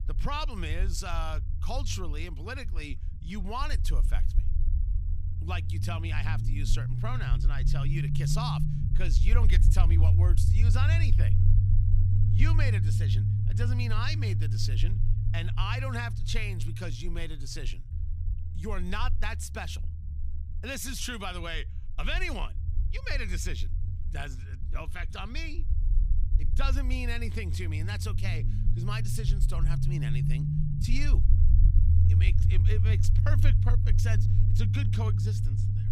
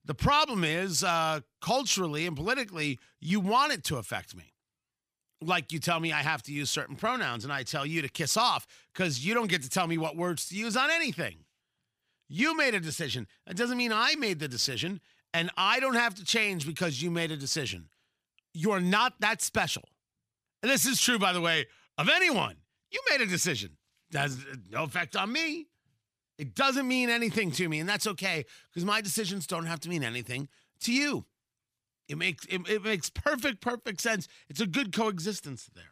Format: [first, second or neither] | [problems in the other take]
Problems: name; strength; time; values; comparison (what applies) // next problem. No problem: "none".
second | low rumble; loud; throughout; 5 dB below the speech